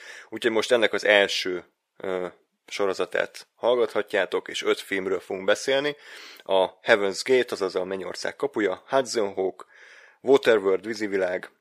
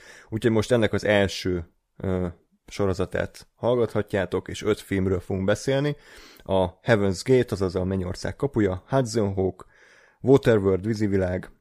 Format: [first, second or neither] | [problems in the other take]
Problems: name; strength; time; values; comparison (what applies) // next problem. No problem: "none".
second | thin; somewhat; fading below 450 Hz